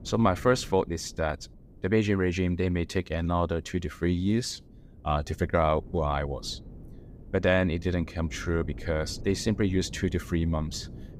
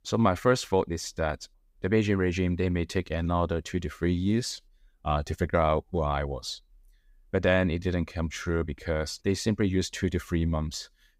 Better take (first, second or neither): second